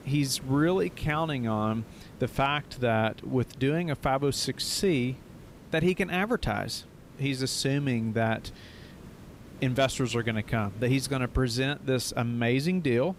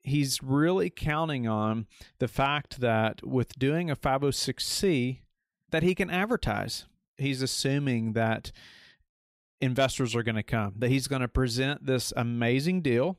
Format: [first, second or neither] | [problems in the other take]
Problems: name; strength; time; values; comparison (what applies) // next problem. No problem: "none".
second | hiss; faint; throughout; 20 dB below the speech